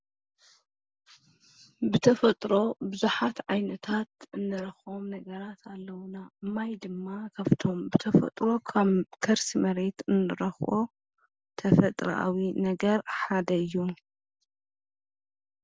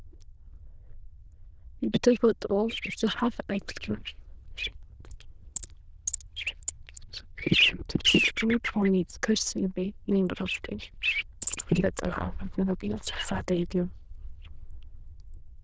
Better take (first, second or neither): first